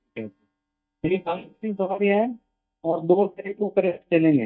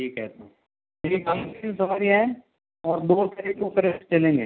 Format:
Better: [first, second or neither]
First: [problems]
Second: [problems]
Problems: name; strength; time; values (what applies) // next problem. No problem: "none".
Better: second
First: noise reduction (neural mask model DeepFilterNet 3)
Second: none